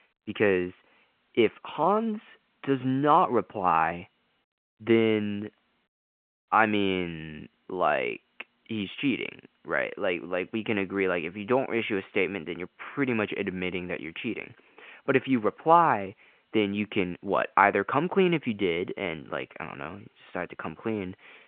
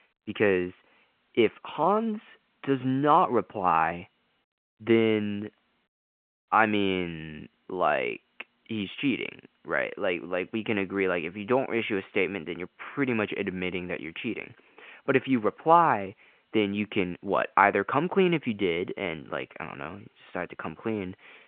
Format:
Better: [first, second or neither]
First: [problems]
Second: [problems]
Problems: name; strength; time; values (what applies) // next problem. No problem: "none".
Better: neither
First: phone-call audio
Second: phone-call audio